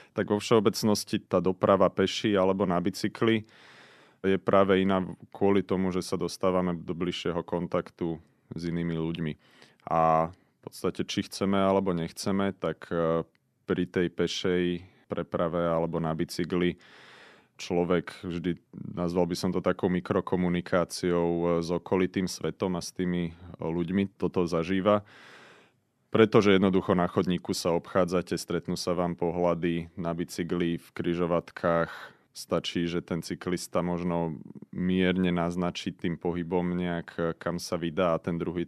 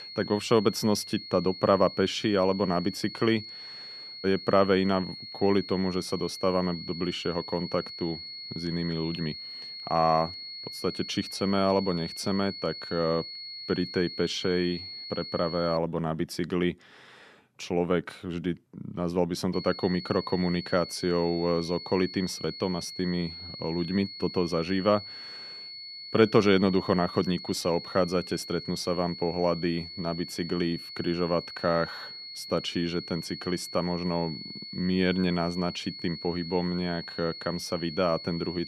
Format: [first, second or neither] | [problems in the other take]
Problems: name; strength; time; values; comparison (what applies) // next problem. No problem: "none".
first | high-pitched whine; noticeable; until 16 s and from 20 s on; 4.5 kHz, 10 dB below the speech